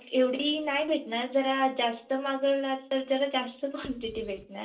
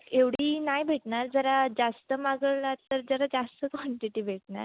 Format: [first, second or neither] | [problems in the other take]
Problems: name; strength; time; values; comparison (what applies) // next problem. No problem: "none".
second | background sound (Writing); 19 dB below the speech // room echo; dies away in 0.3 s